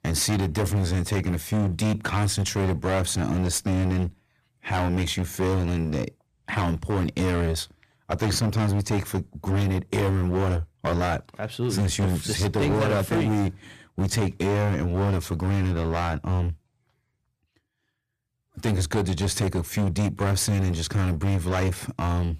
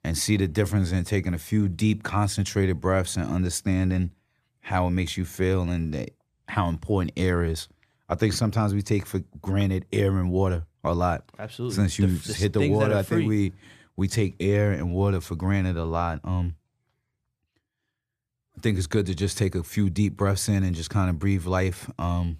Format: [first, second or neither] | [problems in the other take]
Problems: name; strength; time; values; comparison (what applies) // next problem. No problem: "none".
second | distortion; heavy; 20% of the sound clipped